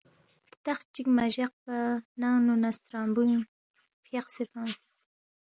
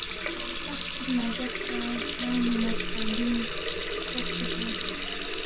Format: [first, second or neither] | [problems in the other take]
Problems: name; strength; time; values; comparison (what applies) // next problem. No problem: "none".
first | background sound (Water tap, faucet); 2 dB above the speech // room echo; dies away in 0.2 s